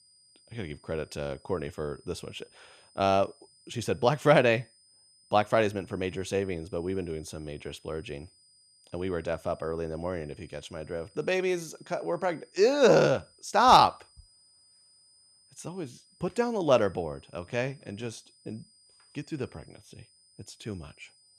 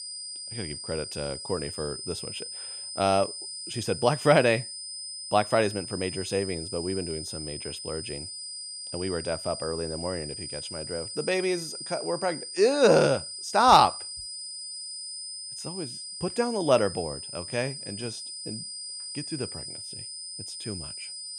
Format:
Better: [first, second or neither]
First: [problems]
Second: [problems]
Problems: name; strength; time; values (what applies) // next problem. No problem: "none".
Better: first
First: high-pitched whine; faint; throughout; 5 kHz, 30 dB below the speech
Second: high-pitched whine; loud; throughout; 5 kHz, 9 dB below the speech